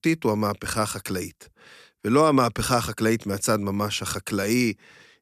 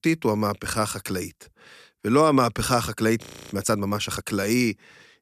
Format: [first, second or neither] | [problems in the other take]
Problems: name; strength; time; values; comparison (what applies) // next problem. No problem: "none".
first | audio freezing; at 3 s